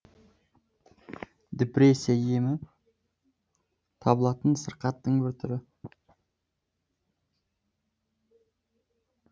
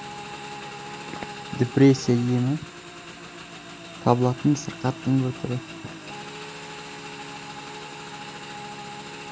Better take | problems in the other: first | background sound (Motorcycle / Engine); 11 dB below the speech

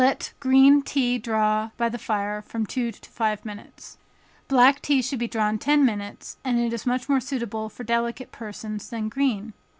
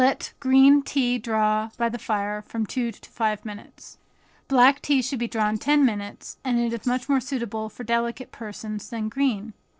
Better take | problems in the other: first | noise reduction (neural separator model SepFormer DNS4)

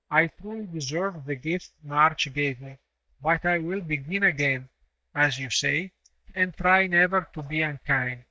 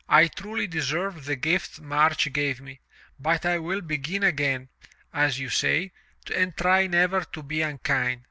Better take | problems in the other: second | noise reduction (neural mask model DeepFilterNet 3)

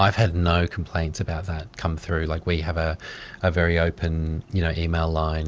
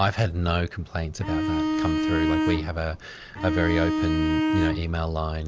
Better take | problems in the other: first | background sound (Bowed string instrument); 2 dB above the speech

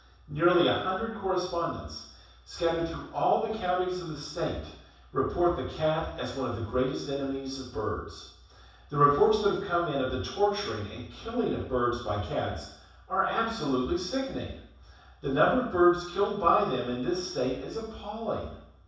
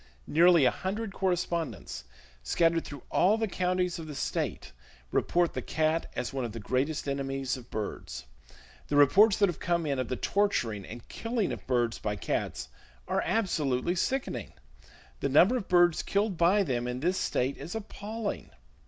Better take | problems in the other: second | room echo; dies away in 0.7 s

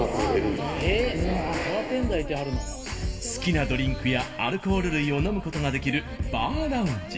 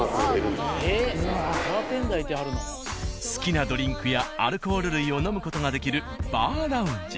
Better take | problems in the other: second | room echo; dies away in 1.4 s

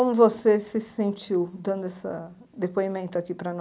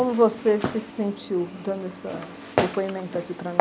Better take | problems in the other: first | background sound (Walk, footsteps); 5 dB below the speech

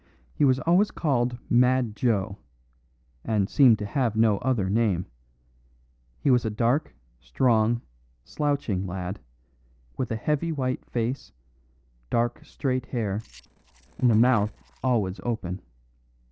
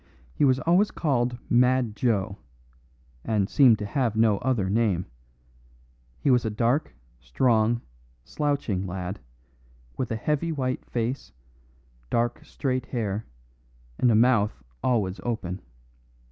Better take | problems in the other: second | noise reduction (neural separator model SepFormer DNS4)

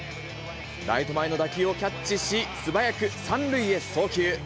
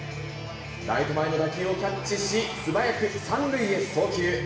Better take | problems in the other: first | room echo; dies away in 0.9 s

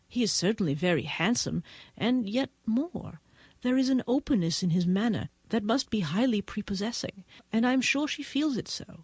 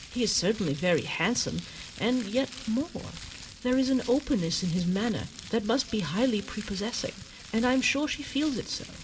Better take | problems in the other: first | background sound (Crumpling, crinkling); 15 dB below the speech // room echo; dies away in 0.3 s

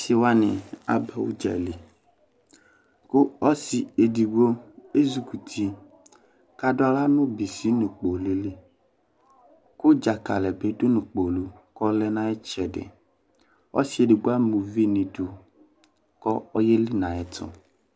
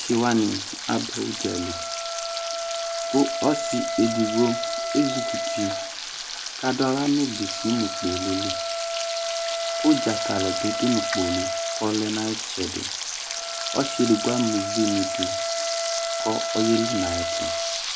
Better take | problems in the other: first | background sound (Wind instrument, woodwind instrument + Frying (food)); 2 dB below the speech

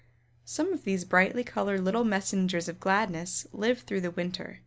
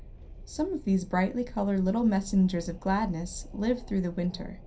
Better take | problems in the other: first | background sound (Wind); 15 dB below the speech // room echo; dies away in 0.3 s

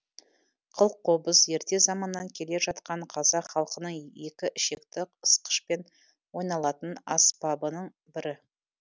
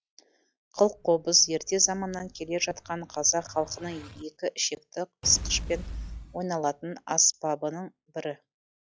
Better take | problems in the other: first | noise reduction (classical method log-MMSE)

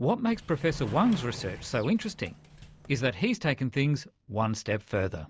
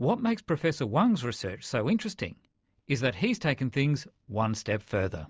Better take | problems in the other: second | background sound (Sliding door); 14 dB below the speech

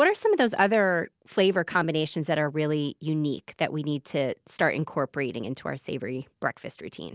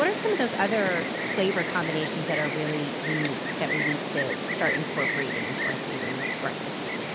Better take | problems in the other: first | background sound (Insect); as loud as the speech

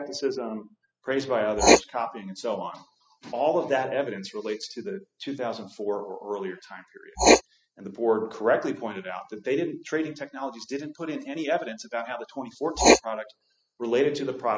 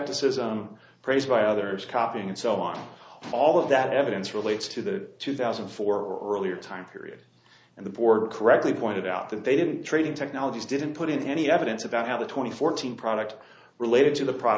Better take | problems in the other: second | noise reduction (classical method spectral subtraction)

